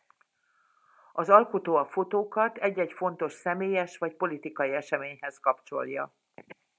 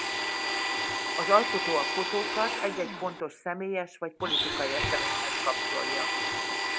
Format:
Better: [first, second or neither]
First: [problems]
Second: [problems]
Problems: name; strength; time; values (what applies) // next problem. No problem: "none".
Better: first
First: none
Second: background sound (Domestic sounds, home sounds); 1 dB above the speech